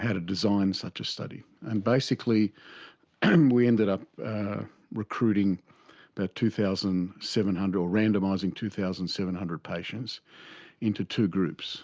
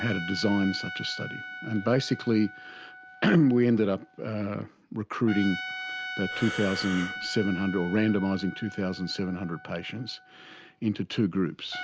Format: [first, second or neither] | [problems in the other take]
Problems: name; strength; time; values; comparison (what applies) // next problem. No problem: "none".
first | background sound (Breathing + Trumpet); 11 dB below the speech